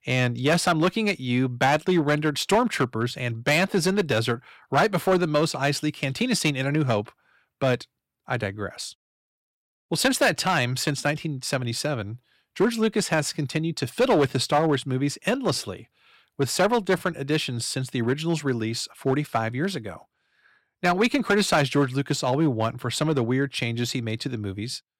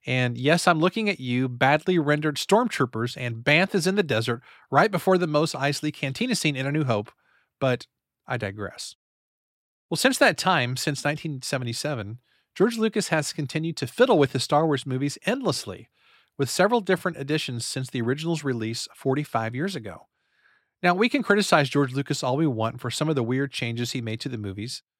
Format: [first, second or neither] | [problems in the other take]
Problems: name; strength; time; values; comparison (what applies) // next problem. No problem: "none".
second | distortion; slight; 3% of the sound clipped